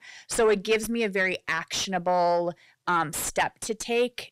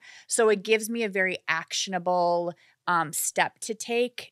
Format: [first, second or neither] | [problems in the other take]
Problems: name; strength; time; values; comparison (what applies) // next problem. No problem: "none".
second | distortion; slight; 10 dB below the speech